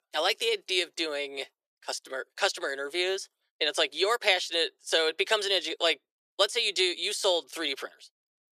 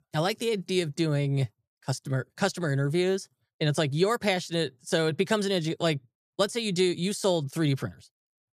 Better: second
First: thin; very; fading below 400 Hz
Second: none

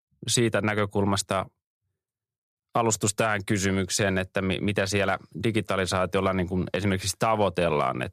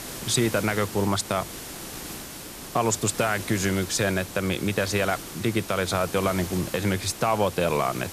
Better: first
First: none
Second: hiss; noticeable; throughout; 10 dB below the speech

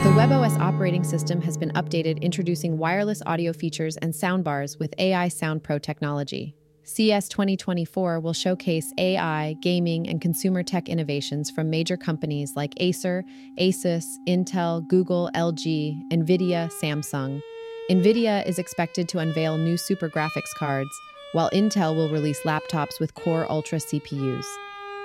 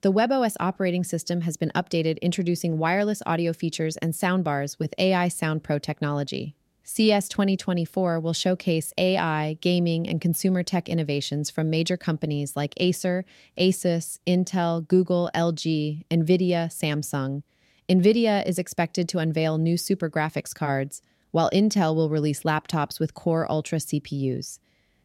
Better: second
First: background music; loud; throughout; 8 dB below the speech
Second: none

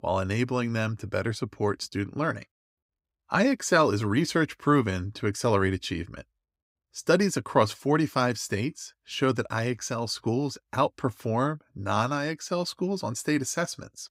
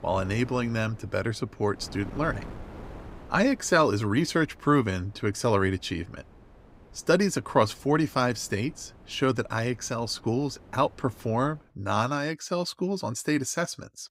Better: first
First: none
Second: wind noise on the microphone; occasional gusts; until 12 s; 25 dB below the speech

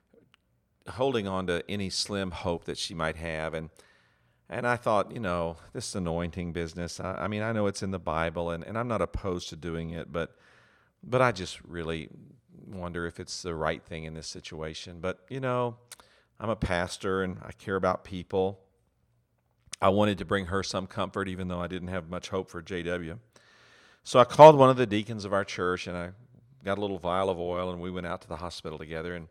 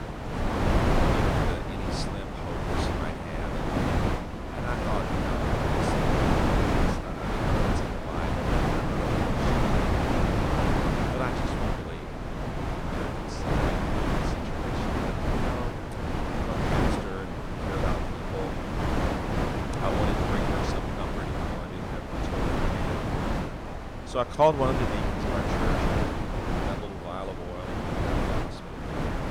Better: first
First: none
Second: wind noise on the microphone; heavy; 5 dB above the speech

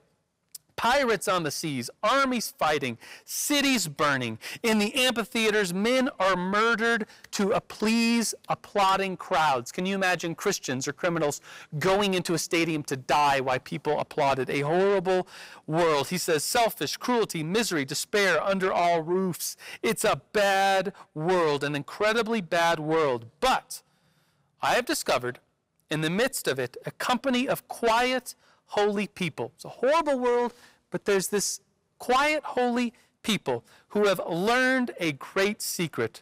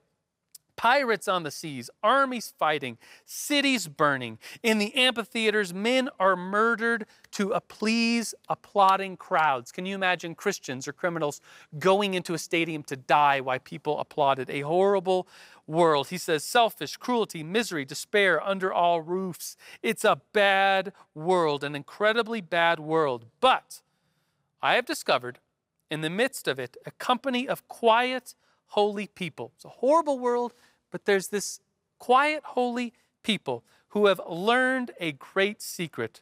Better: second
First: distortion; heavy; 7 dB below the speech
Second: none

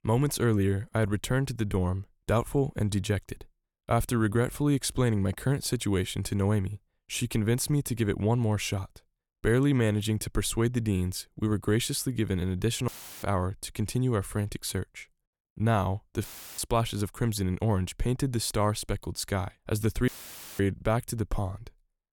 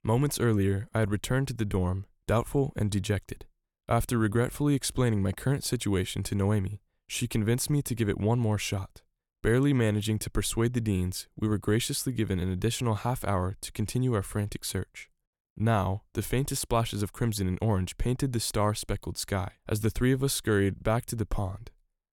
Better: second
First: audio cutting out; filled with static; at 13 s, at 16 s and at 20 s for 0.5 s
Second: none

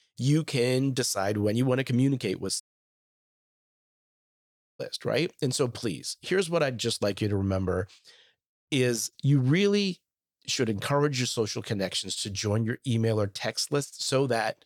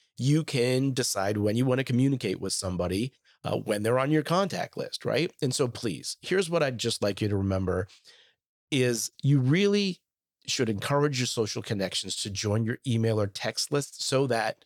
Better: second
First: audio cutting out; at 2.5 s for 2 s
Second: none

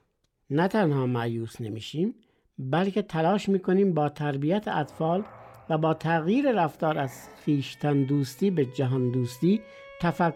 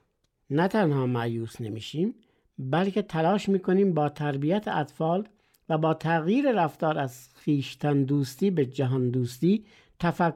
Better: second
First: background music; faint; from 4.5 s on; 25 dB below the speech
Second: none

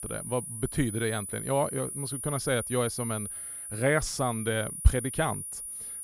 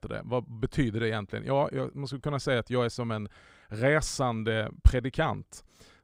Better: second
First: high-pitched whine; loud; throughout; 9.5 kHz, 6 dB below the speech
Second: none

